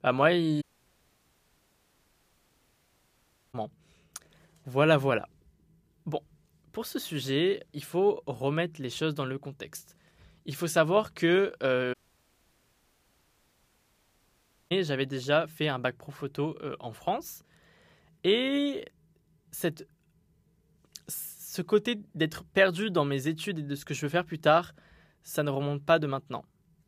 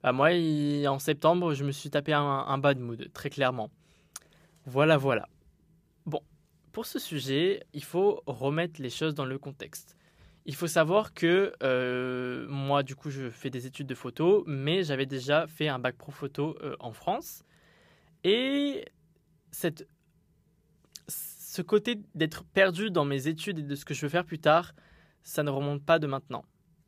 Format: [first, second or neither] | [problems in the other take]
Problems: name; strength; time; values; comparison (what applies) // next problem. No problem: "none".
second | audio cutting out; at 0.5 s for 3 s and at 12 s for 3 s